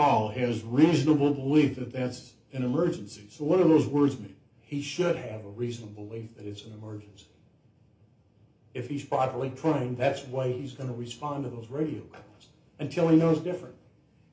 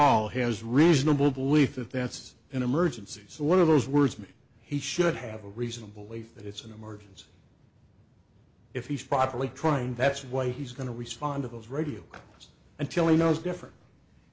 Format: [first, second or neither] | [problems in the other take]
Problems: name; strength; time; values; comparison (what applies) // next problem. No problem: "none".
second | room echo; dies away in 0.3 s